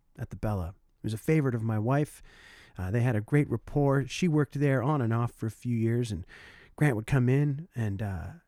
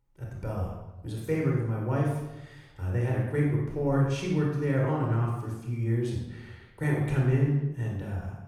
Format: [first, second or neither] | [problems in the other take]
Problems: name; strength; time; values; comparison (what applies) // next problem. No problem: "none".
first | off-mic speech; somewhat distant // room echo; noticeable; dies away in 0.8 s